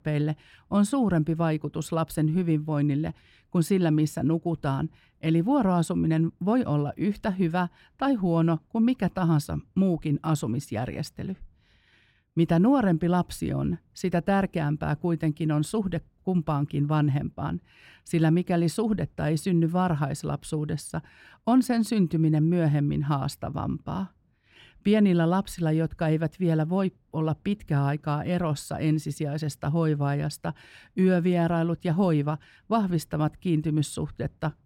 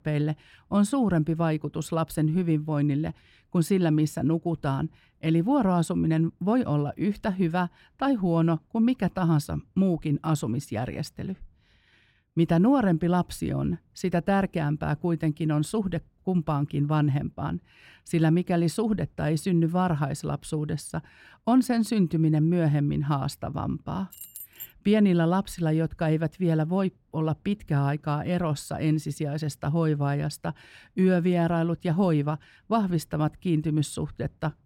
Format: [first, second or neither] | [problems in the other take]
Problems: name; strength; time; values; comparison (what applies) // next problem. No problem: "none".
first | jangling keys; faint; at 24 s; peak 15 dB below the speech